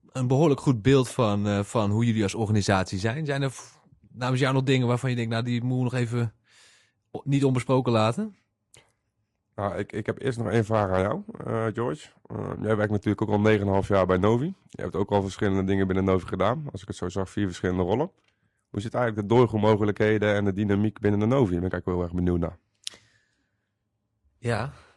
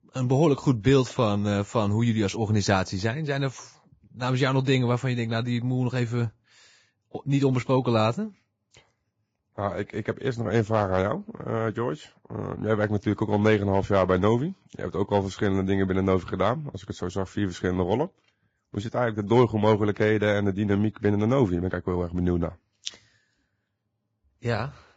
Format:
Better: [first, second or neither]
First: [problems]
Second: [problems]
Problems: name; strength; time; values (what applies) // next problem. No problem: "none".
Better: first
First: garbled, watery; slightly; nothing above 10.5 kHz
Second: garbled, watery; badly; nothing above 7.5 kHz